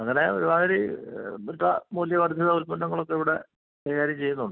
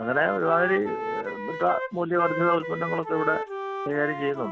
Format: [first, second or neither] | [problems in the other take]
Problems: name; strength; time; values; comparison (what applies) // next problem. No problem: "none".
first | background sound (Wind instrument, woodwind instrument); 6 dB below the speech